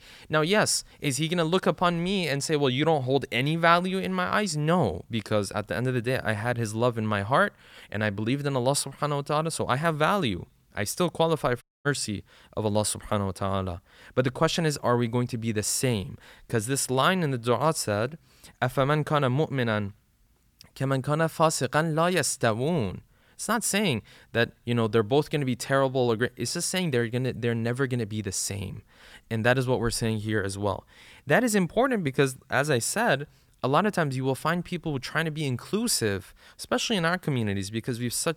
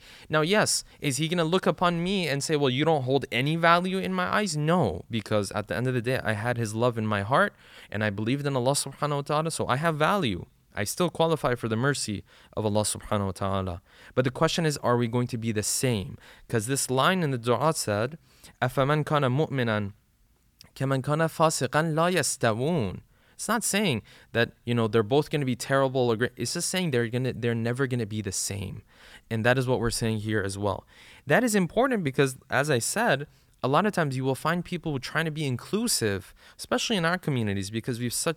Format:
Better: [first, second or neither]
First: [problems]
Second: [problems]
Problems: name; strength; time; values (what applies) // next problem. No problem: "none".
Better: second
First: audio cutting out; at 12 s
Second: none